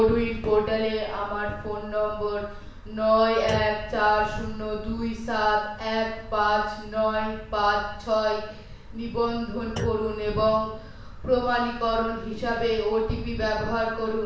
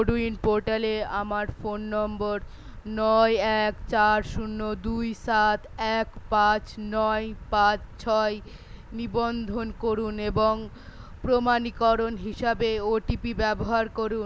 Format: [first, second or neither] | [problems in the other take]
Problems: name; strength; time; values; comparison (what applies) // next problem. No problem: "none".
second | background sound (Thump, thud); 16 dB below the speech // room echo; dies away in 0.7 s